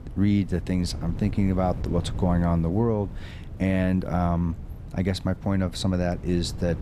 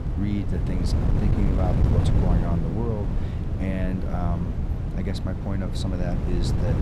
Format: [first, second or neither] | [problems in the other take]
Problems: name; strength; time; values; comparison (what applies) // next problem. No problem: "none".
first | wind noise on the microphone; heavy; 1 dB below the speech; occasional gusts in the first